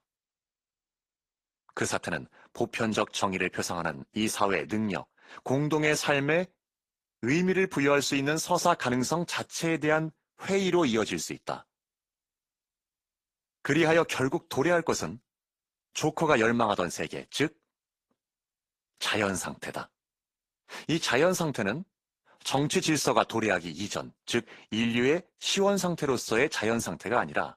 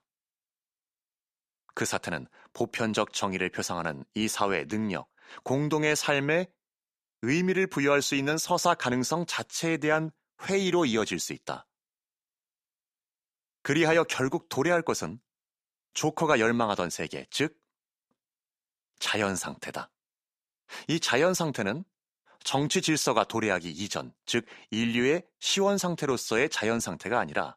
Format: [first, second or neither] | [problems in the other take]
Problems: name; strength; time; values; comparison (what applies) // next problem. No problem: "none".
second | garbled, watery; slightly; nothing above 14.5 kHz